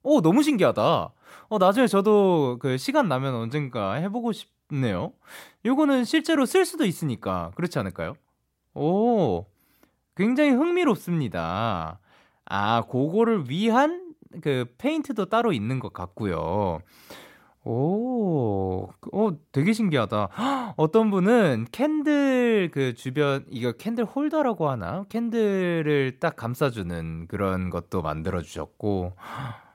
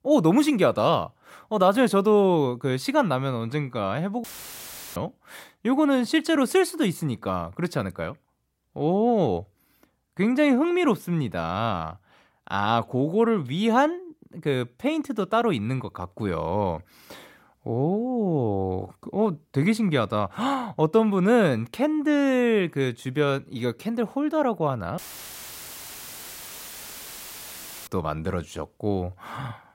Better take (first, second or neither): first